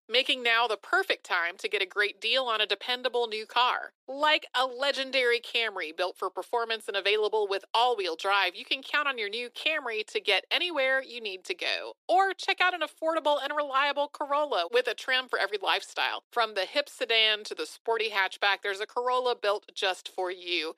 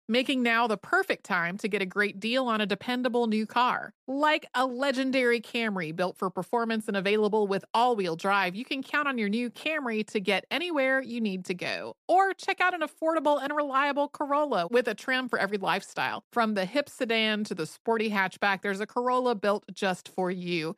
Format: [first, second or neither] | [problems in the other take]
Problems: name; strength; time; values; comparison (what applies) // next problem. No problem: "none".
second | thin; very; fading below 350 Hz